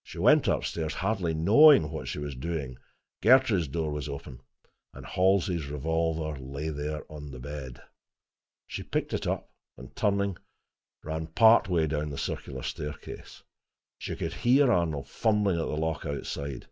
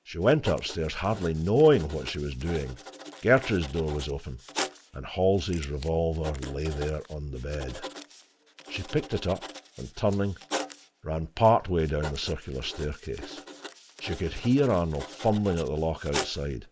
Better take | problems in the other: first | background sound (Writing); 13 dB below the speech

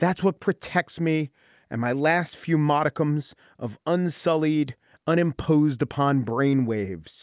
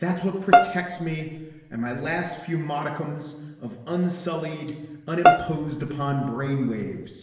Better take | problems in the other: first | background sound (Bowed string instrument); 4 dB above the speech // room echo; dies away in 1.1 s

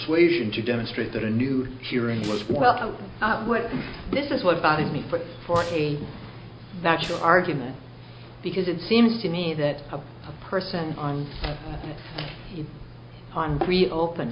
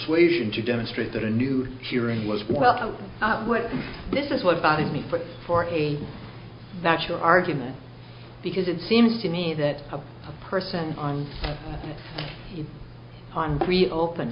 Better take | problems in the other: second | background sound (Snare drum); 19 dB below the speech

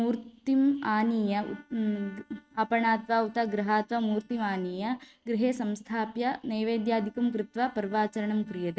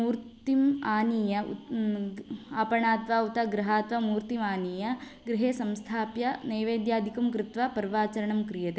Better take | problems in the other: second | noise reduction (neural mask model RNNoise)

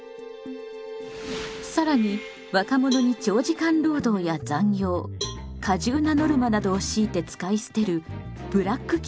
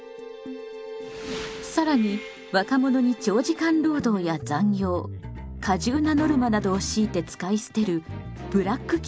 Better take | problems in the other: second | background sound (Cowbell); 17 dB below the speech

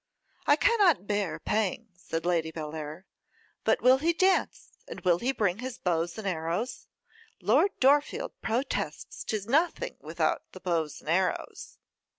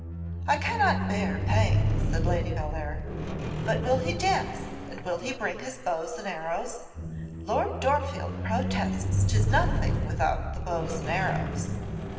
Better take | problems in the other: first | background sound (Squeak); 2 dB above the speech // room echo; dies away in 2.1 s

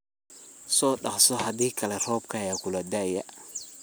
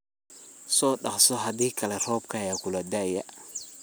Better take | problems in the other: second | background sound (Drawer open or close); 16 dB below the speech

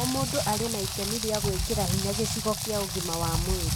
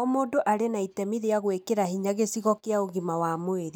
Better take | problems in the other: second | background sound (Rain); 1 dB above the speech

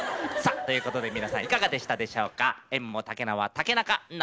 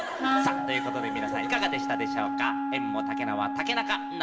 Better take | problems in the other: first | background sound (Wind instrument, woodwind instrument); 1 dB above the speech // room echo; dies away in 0.9 s

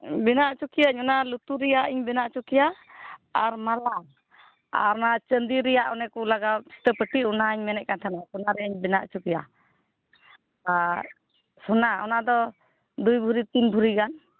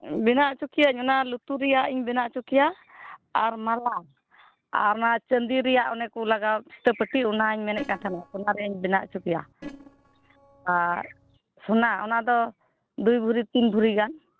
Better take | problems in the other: first | noise reduction (neural separator model SepFormer DNS4)

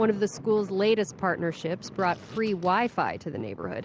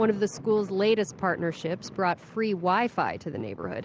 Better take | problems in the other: second | background sound (Fart); 19 dB below the speech

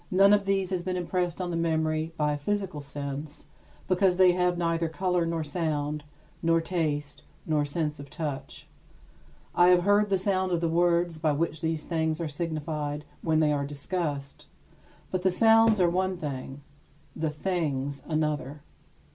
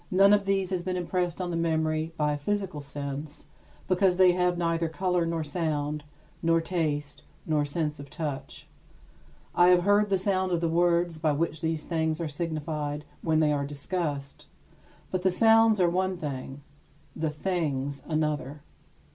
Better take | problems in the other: second | background sound (Thump, thud); 13 dB below the speech

